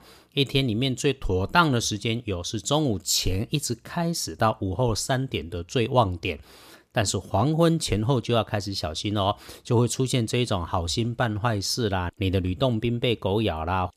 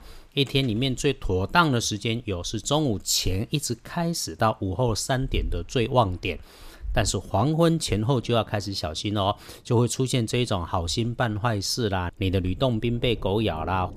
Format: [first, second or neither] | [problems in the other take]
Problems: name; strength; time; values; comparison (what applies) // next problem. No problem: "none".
first | rain or running water; noticeable; throughout; 15 dB below the speech